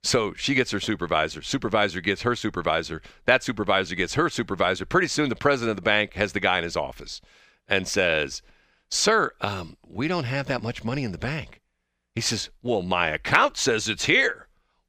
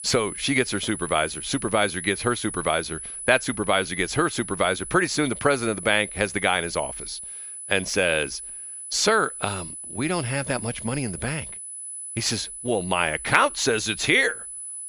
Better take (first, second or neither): first